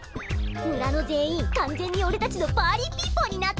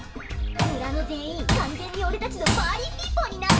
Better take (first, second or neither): first